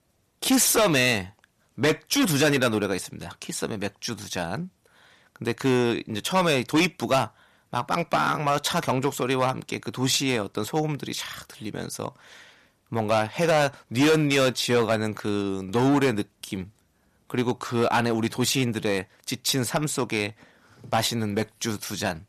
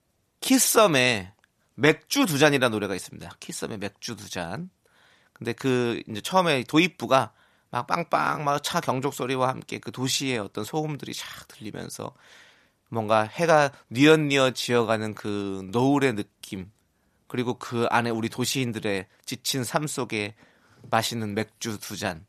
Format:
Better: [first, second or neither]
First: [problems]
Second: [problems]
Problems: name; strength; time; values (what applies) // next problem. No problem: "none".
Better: second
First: distortion; heavy; 5% of the sound clipped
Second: none